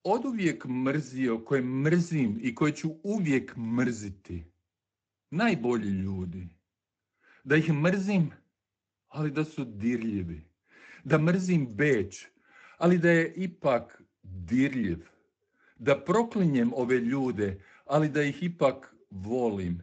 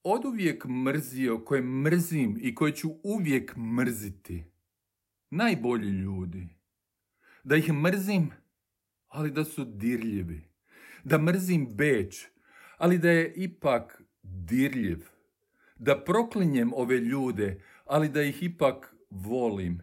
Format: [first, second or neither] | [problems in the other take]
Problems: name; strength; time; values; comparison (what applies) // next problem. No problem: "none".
second | garbled, watery; slightly; nothing above 7.5 kHz